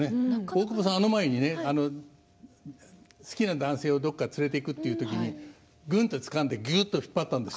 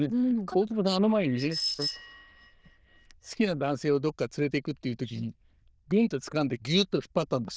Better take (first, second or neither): first